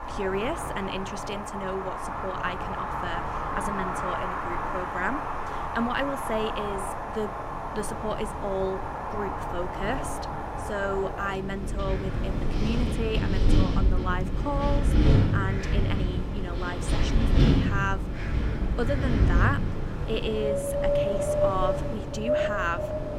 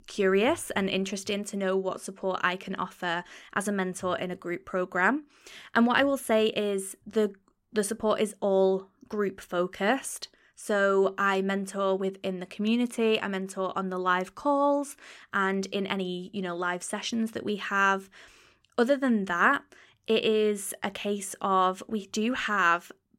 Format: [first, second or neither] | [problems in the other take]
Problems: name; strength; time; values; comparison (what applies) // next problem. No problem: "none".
second | wind in the background; very loud; throughout; 4 dB above the speech